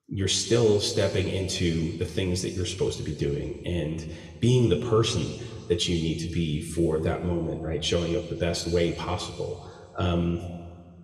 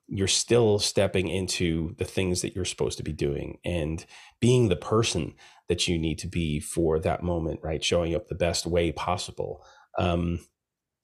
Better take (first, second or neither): second